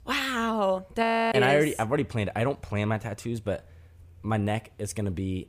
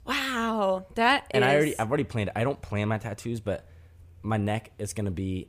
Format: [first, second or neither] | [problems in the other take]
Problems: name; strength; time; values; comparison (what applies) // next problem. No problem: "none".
second | audio freezing; at 1 s